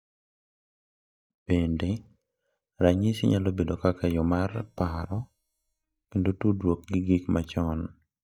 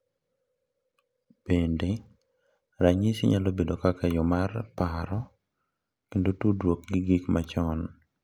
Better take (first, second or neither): second